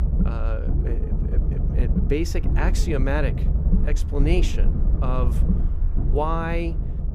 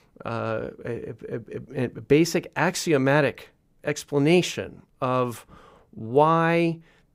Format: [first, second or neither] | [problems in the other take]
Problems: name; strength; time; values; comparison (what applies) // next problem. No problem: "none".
second | low rumble; loud; throughout; 8 dB below the speech